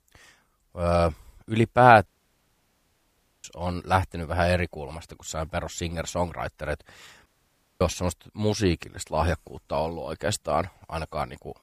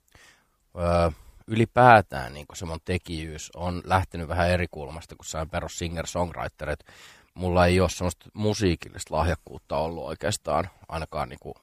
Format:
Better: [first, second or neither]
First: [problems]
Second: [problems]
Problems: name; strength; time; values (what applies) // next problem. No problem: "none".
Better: second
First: audio cutting out; at 2 s for 1.5 s and at 7.5 s for 0.5 s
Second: none